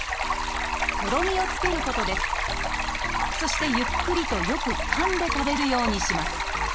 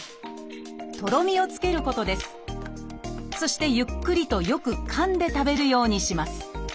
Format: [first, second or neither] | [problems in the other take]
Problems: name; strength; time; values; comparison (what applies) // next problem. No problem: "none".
second | background sound (Stream); 2 dB above the speech